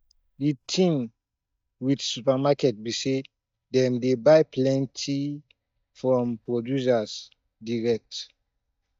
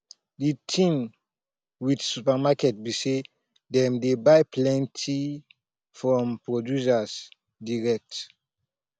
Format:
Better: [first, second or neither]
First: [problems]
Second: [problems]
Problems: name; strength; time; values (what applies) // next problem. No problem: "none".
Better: second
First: noise reduction (neural mask model DeepFilterNet 3)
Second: none